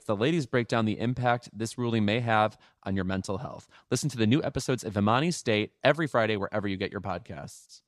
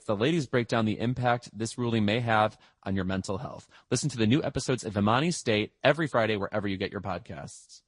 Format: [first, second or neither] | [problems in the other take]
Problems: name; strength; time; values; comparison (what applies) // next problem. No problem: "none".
first | garbled, watery; slightly; nothing above 10.5 kHz